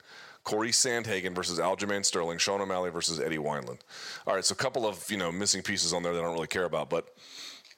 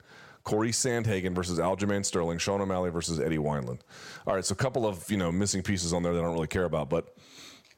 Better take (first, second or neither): second